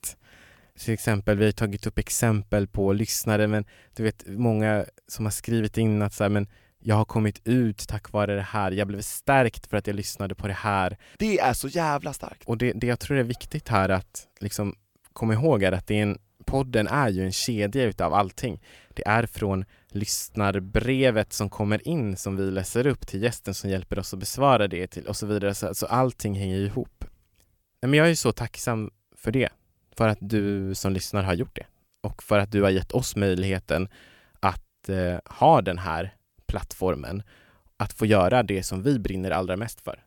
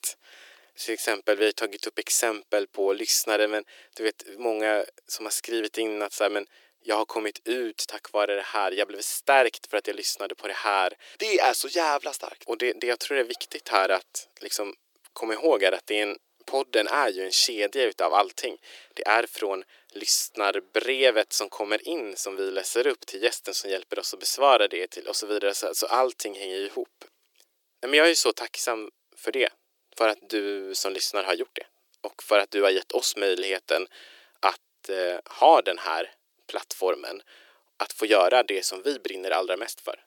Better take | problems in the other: first | thin; very; fading below 350 Hz

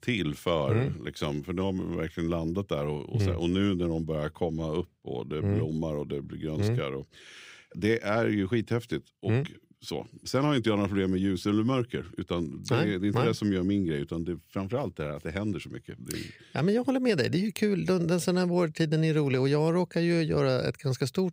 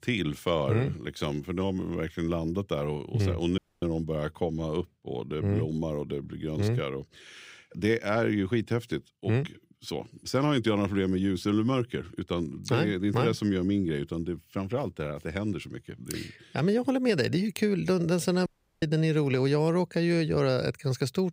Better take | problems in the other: first | audio cutting out; at 3.5 s and at 18 s

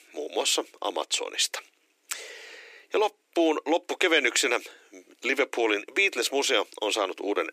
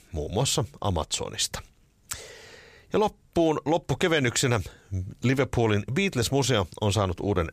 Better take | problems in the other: second | thin; very; fading below 300 Hz

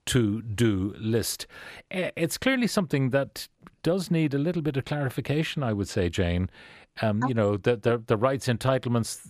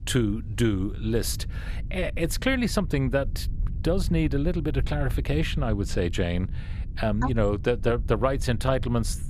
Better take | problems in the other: first | low rumble; faint; throughout; 20 dB below the speech

